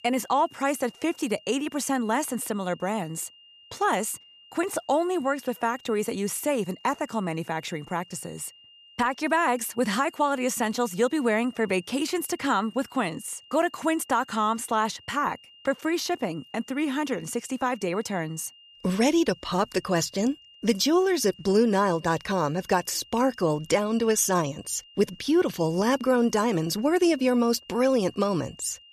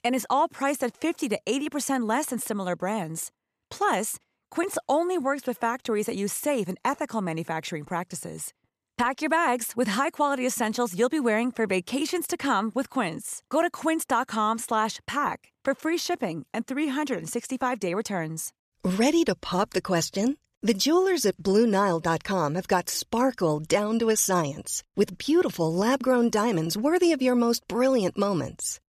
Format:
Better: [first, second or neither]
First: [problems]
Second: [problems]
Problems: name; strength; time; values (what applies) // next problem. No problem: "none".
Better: second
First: high-pitched whine; faint; throughout; 3 kHz, 25 dB below the speech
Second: none